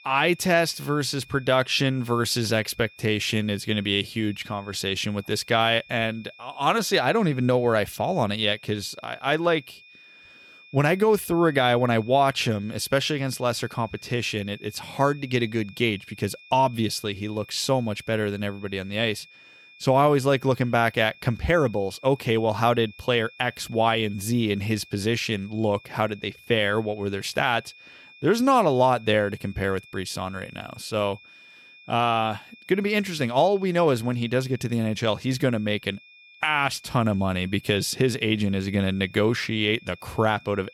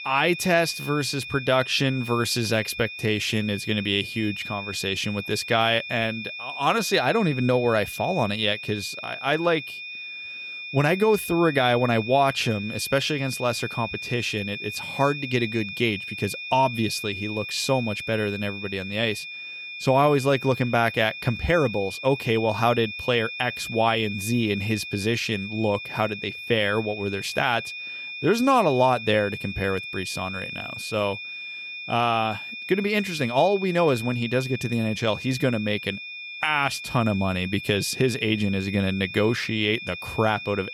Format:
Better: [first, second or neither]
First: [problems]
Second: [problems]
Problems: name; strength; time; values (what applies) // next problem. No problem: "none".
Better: first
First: high-pitched whine; faint; throughout; 2.5 kHz, 25 dB below the speech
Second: high-pitched whine; loud; throughout; 2.5 kHz, 9 dB below the speech